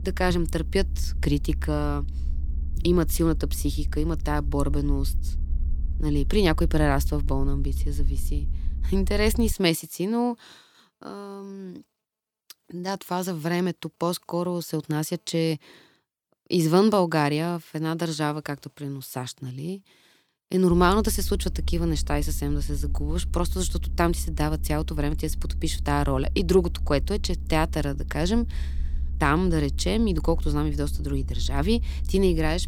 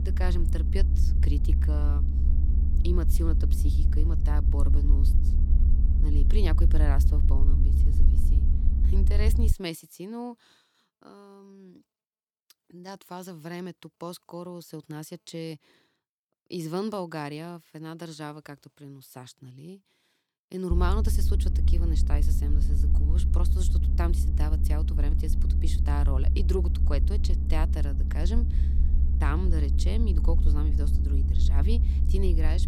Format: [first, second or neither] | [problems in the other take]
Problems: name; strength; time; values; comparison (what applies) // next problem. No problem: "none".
first | low rumble; loud; until 9.5 s and from 21 s on; 5 dB below the speech; faint in the first